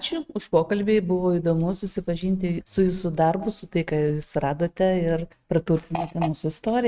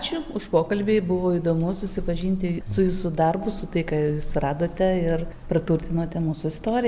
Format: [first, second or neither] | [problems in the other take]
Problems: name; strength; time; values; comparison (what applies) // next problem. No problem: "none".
second | noise reduction (neural mask model RNNoise)